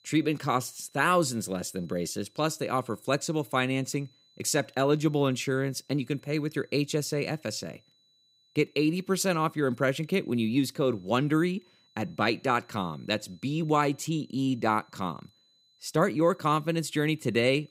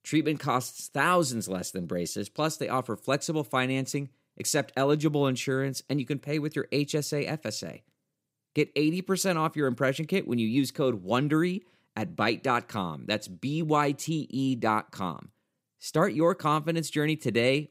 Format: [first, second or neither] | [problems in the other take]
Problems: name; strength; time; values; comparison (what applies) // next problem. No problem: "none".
second | high-pitched whine; faint; throughout; 4 kHz, 35 dB below the speech